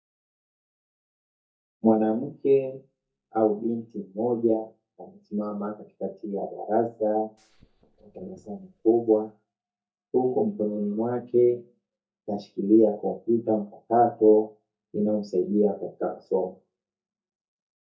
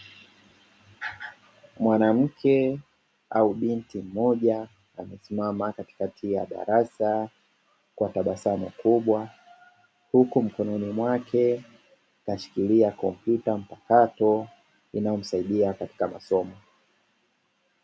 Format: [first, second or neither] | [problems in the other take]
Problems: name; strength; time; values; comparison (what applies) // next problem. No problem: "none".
second | noise reduction (neural mask model DeepFilterNet 3)